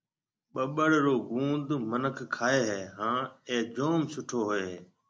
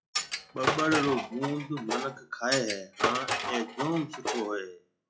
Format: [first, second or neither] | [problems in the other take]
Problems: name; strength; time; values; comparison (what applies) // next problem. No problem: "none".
first | noise reduction (classical method log-MMSE)